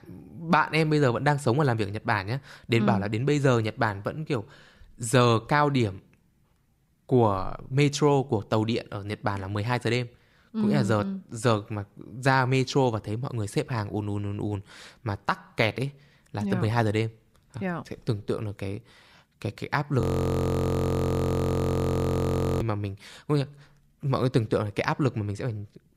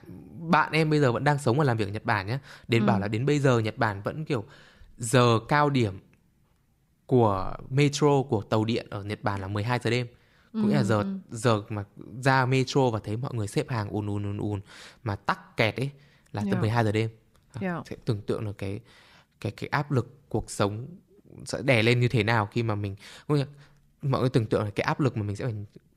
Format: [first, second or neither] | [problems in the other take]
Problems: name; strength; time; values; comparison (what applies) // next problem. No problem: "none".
second | audio freezing; at 20 s for 2.5 s